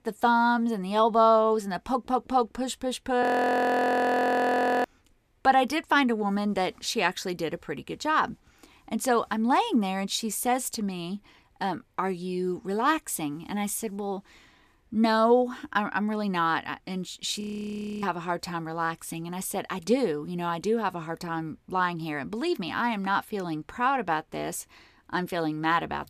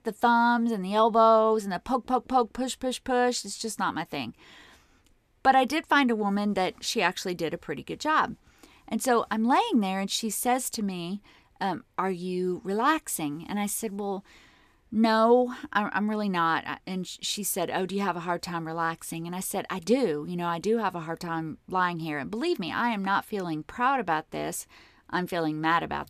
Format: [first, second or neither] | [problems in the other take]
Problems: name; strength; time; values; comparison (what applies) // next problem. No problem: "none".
second | audio freezing; at 3 s for 1.5 s and at 17 s for 0.5 s